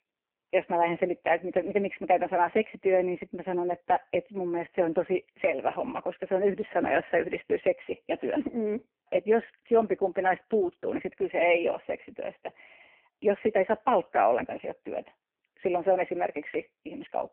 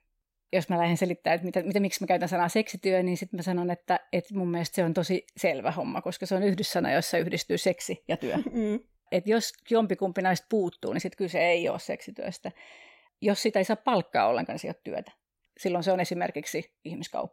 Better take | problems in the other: second | phone-call audio; poor line

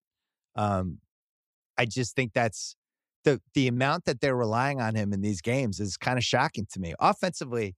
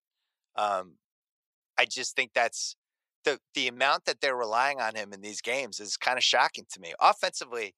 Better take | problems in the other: first | thin; very; fading below 700 Hz

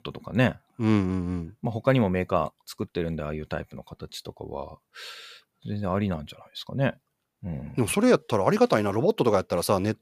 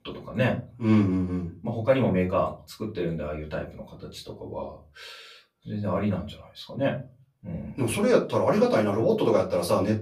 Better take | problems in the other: first | off-mic speech; far // room echo; very slight; dies away in 0.3 s

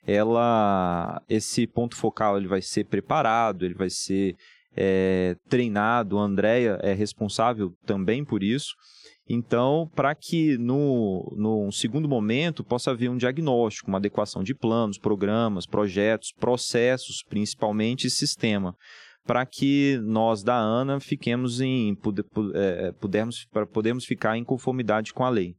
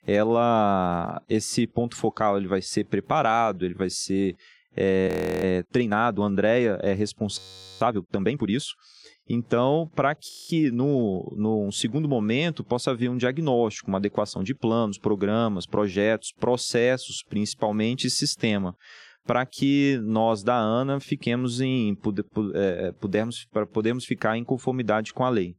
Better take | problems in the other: first | audio freezing; at 5 s, at 7.5 s and at 10 s

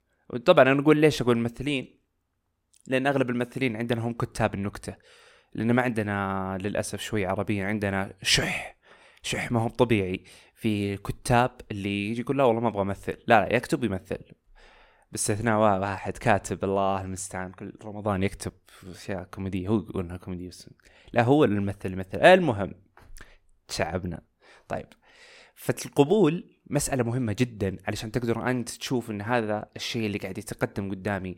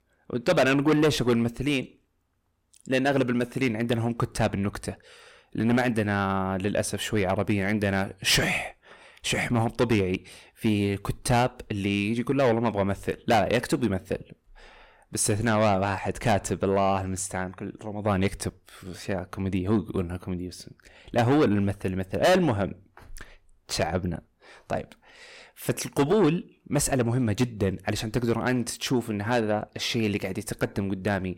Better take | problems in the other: first | distortion; heavy; 7 dB below the speech

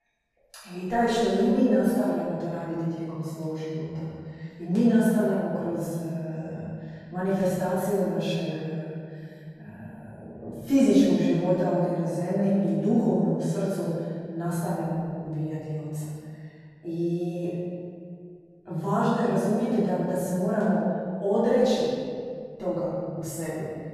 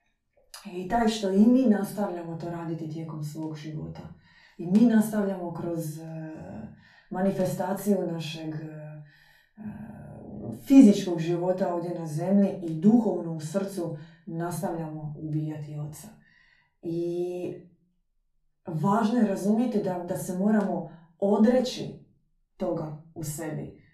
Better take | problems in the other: second | room echo; strong; dies away in 1.9 s; slight in the second // off-mic speech; far; far in the second

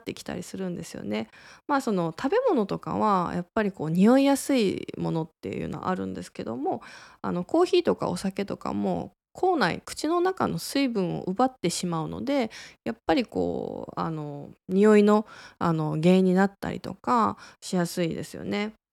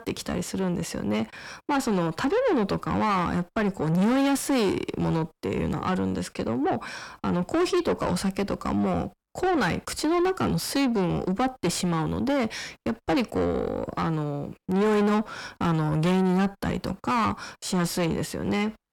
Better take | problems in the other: first | distortion; heavy; 5 dB below the speech

